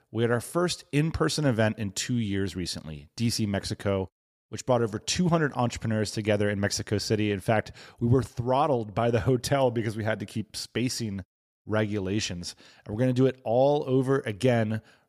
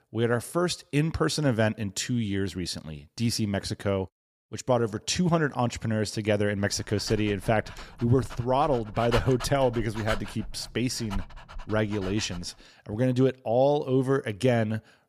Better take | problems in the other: first | dog barking; noticeable; from 7 to 12 s; peak 6 dB below the speech

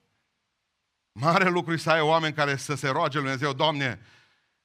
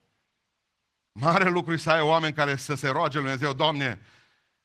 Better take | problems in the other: first | garbled, watery; slightly; nothing above 14.5 kHz

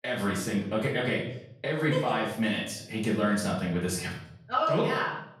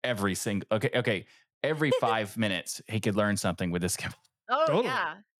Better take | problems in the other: second | off-mic speech; far // room echo; noticeable; dies away in 0.6 s

